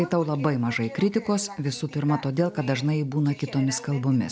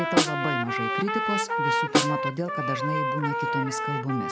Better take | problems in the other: first | background sound (Snare drum + Trumpet); 4 dB above the speech

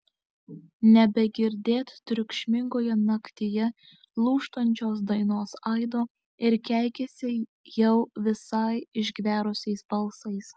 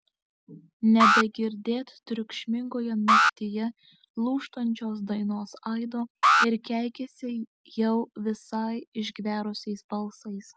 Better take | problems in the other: first | background sound (Alarm); 3 dB above the speech

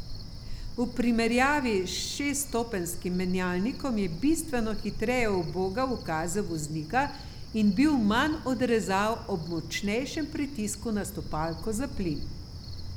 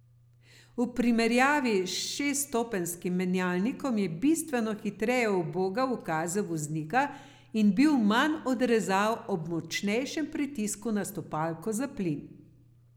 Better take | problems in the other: second | background sound (Cricket); 9 dB below the speech

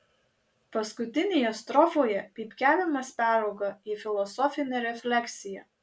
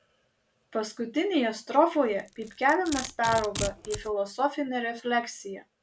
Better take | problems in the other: first | background sound (Domestic sounds, home sounds); 14 dB below the speech

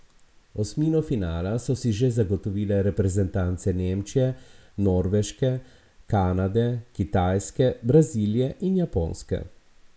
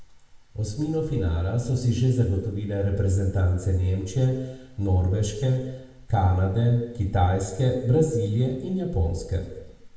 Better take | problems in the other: first | room echo; dies away in 0.9 s

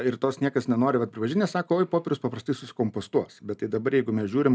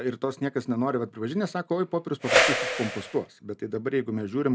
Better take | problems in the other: first | background sound (Whoosh, swoosh, swish); 4 dB above the speech

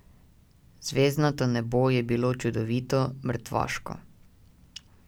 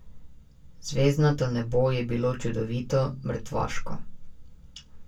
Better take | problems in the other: first | room echo; dies away in 0.1 s

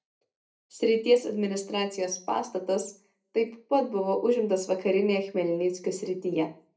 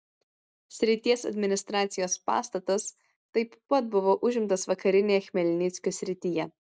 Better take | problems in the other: second | room echo; dies away in 0.3 s

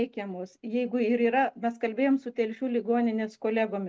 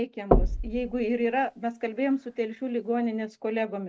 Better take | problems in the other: first | background sound (Knock); as loud as the speech

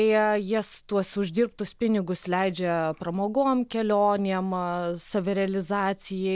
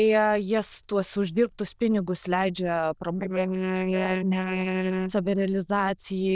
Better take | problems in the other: first | noise reduction (neural diffusion model UNIVERSE++)

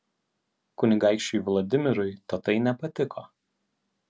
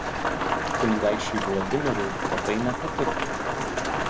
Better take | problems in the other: first | background sound (Rain); 2 dB above the speech

